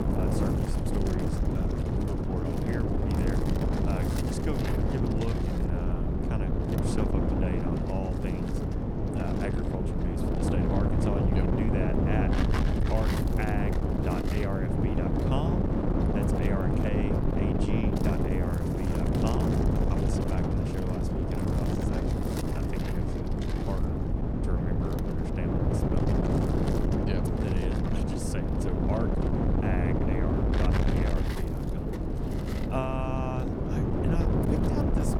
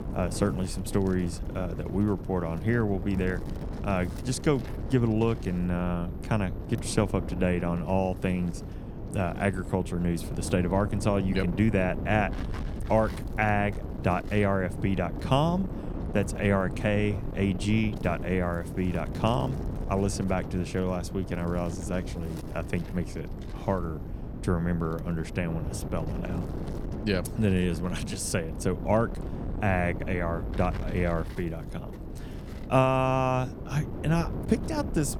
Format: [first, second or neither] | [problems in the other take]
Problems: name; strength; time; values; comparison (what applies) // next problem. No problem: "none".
second | wind noise on the microphone; heavy; 5 dB above the speech; occasional gusts in the second